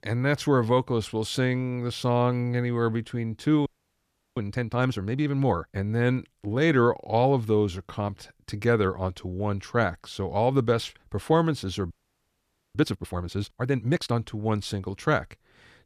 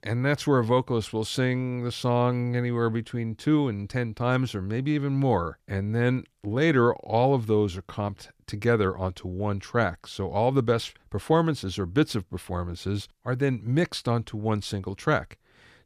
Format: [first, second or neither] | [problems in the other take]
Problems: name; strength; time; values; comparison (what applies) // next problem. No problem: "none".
second | audio freezing; at 3.5 s for 0.5 s and at 12 s for 1 s